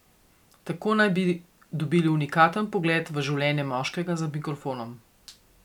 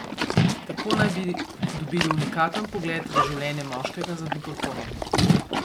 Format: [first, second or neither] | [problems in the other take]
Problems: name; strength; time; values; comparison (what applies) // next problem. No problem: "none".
first | background sound (Livestock, farm animals, working animals); 4 dB above the speech